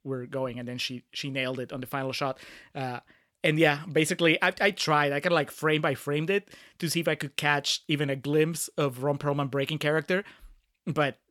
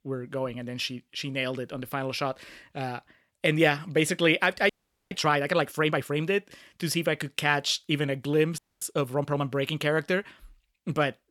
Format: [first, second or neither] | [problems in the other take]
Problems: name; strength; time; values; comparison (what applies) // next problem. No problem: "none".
first | audio freezing; at 4.5 s and at 8.5 s